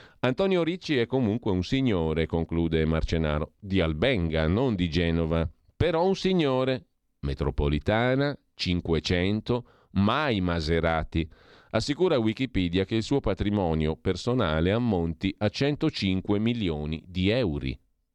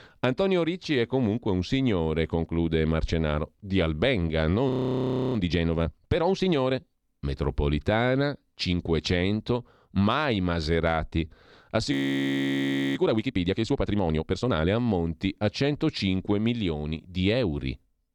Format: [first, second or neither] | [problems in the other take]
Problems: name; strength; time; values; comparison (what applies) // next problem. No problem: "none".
first | audio freezing; at 4.5 s for 0.5 s and at 12 s for 1 s